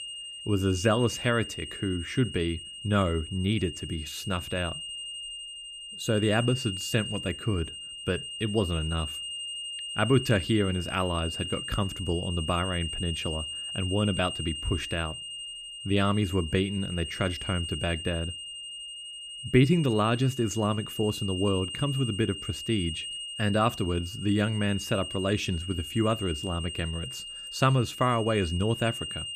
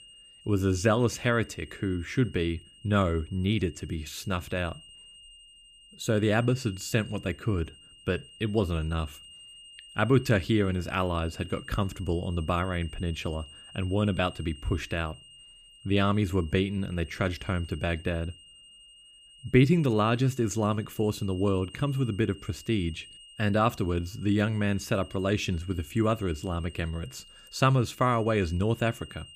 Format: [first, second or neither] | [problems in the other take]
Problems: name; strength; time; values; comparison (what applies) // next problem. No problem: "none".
second | high-pitched whine; loud; throughout; 3 kHz, 7 dB below the speech; faint in the second